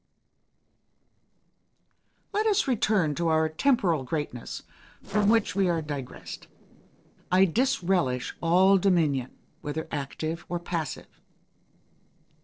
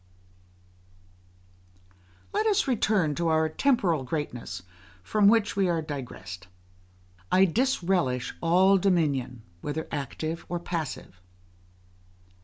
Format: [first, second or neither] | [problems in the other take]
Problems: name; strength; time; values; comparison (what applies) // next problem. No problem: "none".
second | noise reduction (neural separator model SepFormer DNS4)